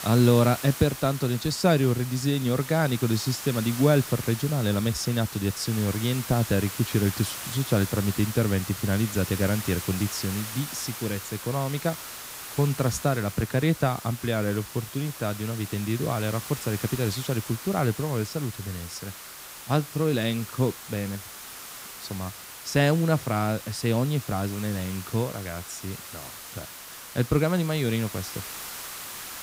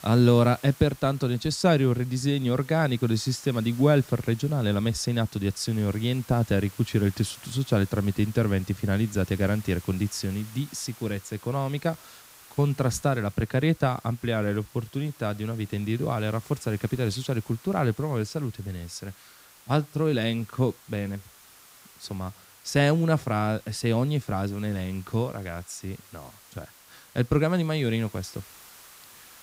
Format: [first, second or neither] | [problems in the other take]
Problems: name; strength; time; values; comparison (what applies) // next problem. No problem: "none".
second | hiss; loud; throughout; 10 dB below the speech; faint in the second